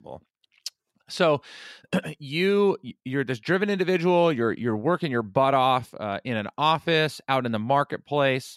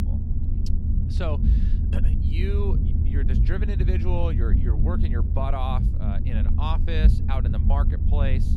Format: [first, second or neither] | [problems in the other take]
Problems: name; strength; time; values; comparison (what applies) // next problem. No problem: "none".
first | low rumble; loud; throughout; 4 dB below the speech